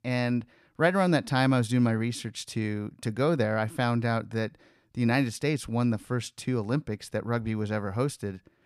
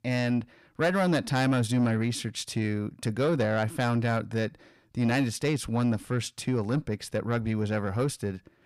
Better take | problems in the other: first | distortion; slight; 10 dB below the speech

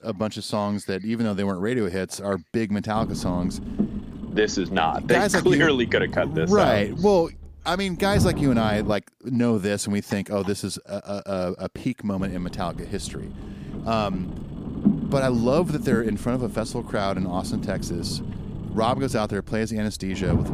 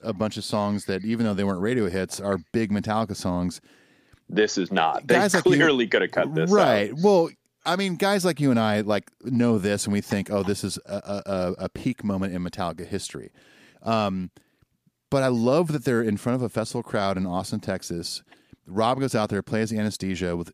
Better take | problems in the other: second | low rumble; noticeable; from 3 to 9 s and from 12 s on; 10 dB below the speech

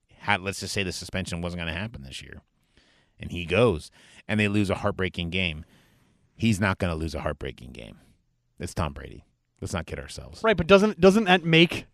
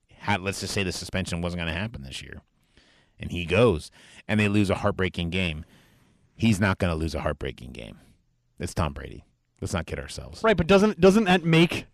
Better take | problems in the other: first | distortion; slight; 10 dB below the speech

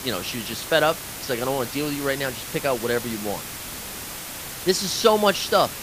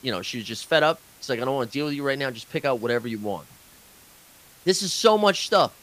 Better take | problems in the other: second | hiss; loud; throughout; 8 dB below the speech; faint in the second

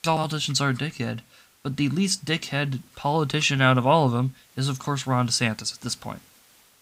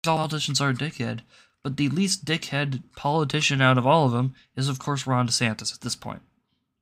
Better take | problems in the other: second | hiss; faint; throughout; 30 dB below the speech

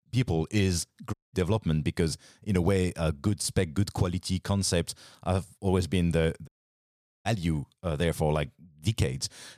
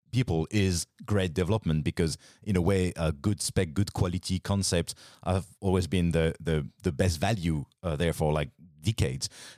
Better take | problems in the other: second | audio cutting out; at 1 s and at 6.5 s for 1 s

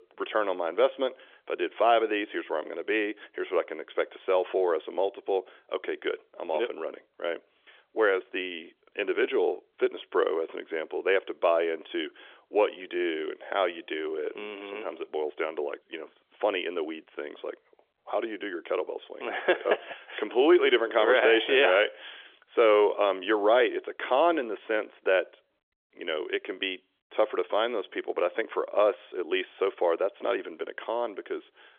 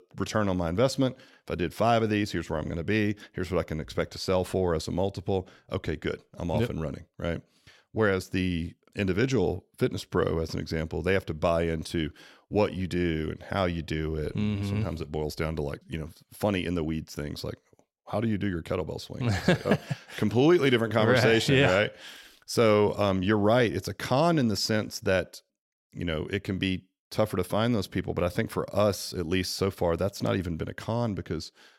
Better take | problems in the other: second | phone-call audio; nothing above 3.5 kHz

